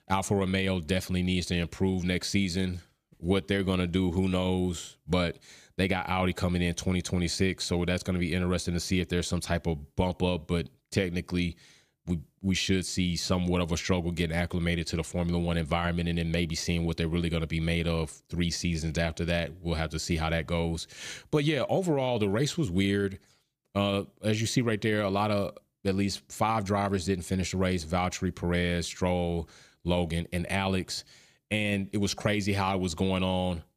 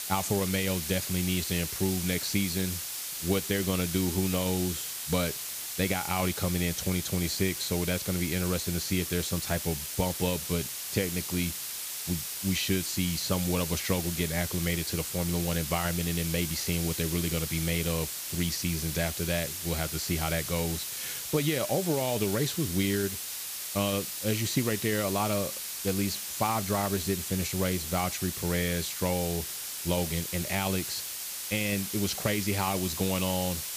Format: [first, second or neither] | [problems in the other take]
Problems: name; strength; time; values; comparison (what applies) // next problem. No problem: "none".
first | hiss; loud; throughout; 3 dB below the speech